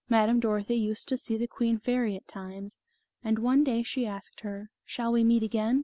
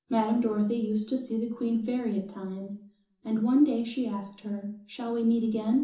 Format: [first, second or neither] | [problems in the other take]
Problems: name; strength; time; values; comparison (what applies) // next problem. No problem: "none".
first | room echo; dies away in 0.7 s